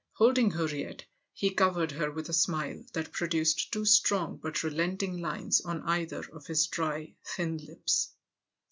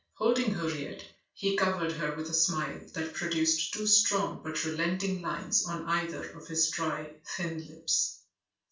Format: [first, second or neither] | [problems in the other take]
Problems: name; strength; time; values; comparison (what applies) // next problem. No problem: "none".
first | room echo; dies away in 0.3 s